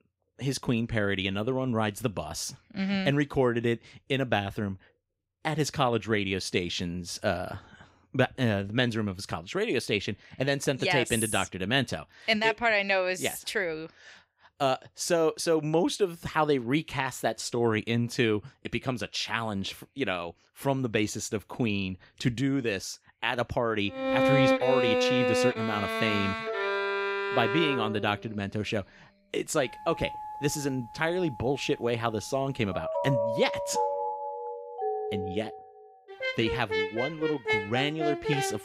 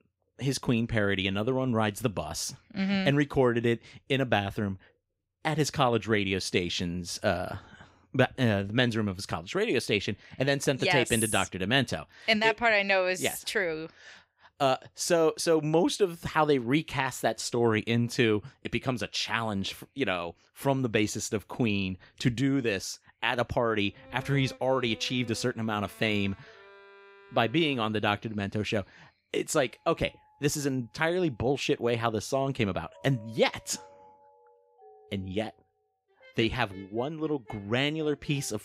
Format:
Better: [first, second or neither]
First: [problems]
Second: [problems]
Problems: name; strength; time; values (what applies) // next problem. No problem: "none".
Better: second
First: background music; loud; from 24 s on; as loud as the speech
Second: background music; faint; from 24 s on; 25 dB below the speech